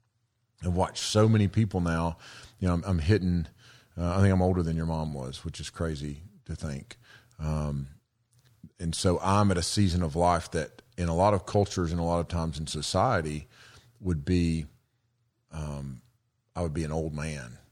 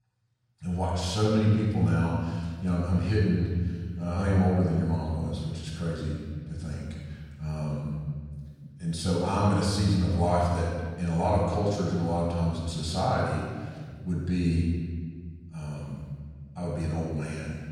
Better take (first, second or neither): first